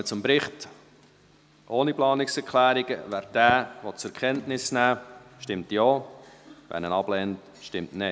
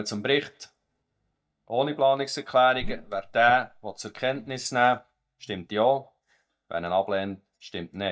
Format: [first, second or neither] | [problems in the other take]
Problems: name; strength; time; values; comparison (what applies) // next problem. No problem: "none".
first | noise reduction (neural mask model DeepFilterNet 3)